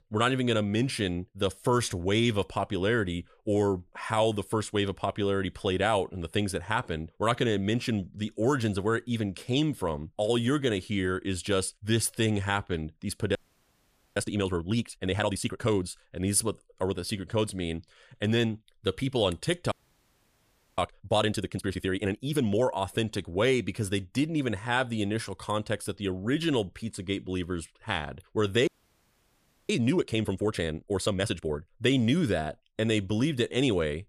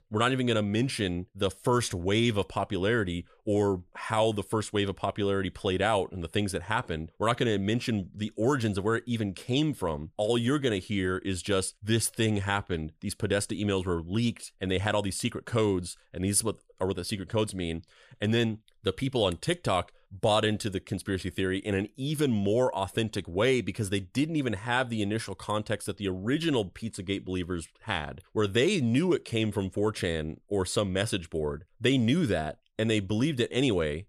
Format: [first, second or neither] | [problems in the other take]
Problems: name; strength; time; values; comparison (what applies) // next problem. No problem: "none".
second | audio freezing; at 13 s for 1 s, at 20 s for 1 s and at 29 s for 1 s